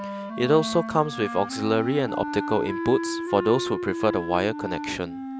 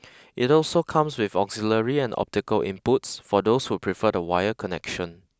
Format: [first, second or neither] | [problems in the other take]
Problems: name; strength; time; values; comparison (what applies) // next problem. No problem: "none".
second | background sound (Wind instrument, woodwind instrument); 6 dB below the speech